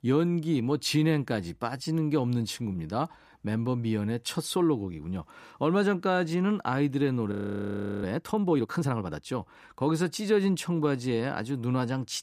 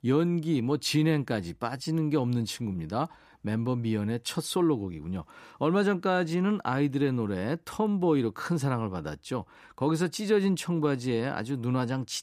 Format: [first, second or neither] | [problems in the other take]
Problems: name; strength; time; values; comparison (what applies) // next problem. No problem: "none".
second | audio freezing; at 7.5 s for 0.5 s